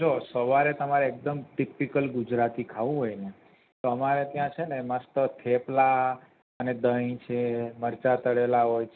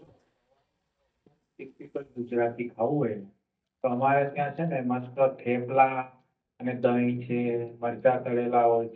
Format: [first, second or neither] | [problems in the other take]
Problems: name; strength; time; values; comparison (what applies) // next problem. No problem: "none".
first | noise reduction (neural mask model DeepFilterNet 3)